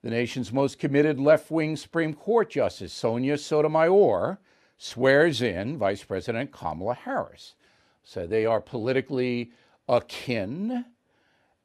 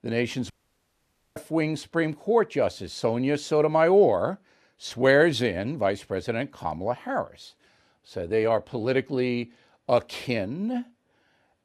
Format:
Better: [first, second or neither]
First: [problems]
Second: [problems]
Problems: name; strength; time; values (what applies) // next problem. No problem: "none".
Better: first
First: none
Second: audio cutting out; at 0.5 s for 1 s